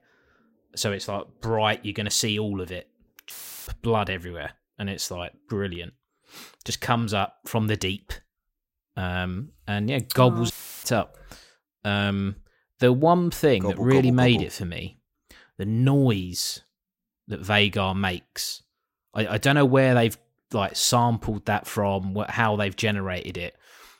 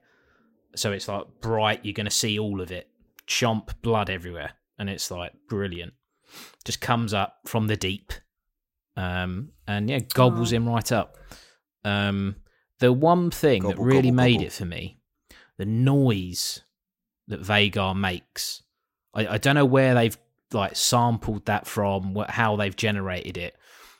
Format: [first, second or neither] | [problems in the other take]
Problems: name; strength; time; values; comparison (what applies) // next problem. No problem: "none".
second | audio cutting out; filled with static; at 3.5 s and at 11 s